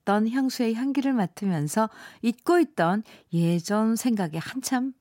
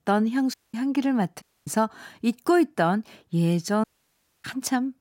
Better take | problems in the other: first | audio cutting out; at 0.5 s, at 1.5 s and at 4 s for 0.5 s

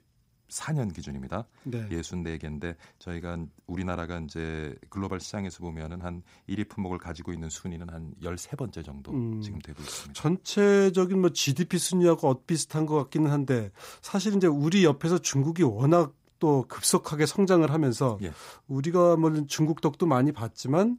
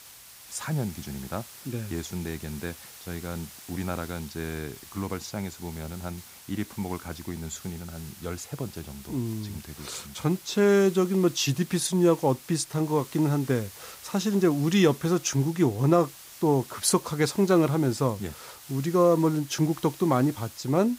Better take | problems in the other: first | hiss; noticeable; throughout; 20 dB below the speech

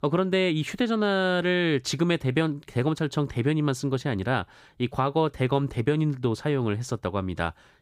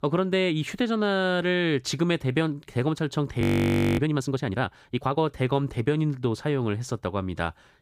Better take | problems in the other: first | audio freezing; at 3.5 s for 0.5 s

